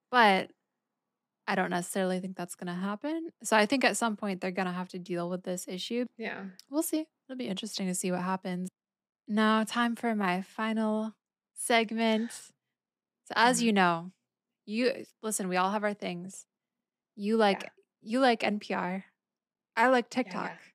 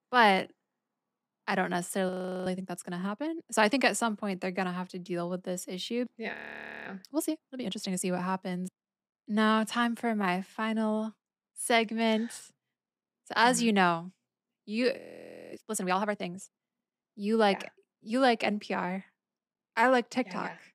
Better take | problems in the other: first | audio freezing; at 2 s, at 6.5 s for 0.5 s and at 15 s for 0.5 s

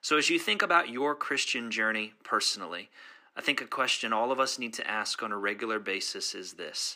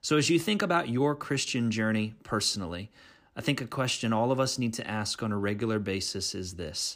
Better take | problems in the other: second | thin; somewhat; fading below 300 Hz

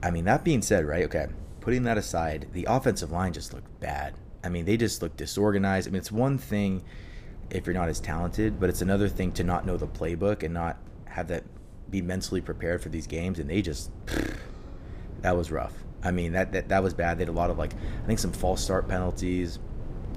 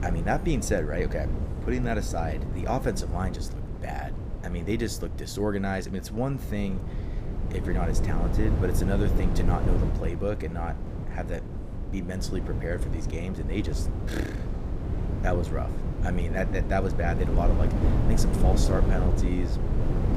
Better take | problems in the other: first | wind noise on the microphone; heavy; 6 dB below the speech; occasional gusts in the first

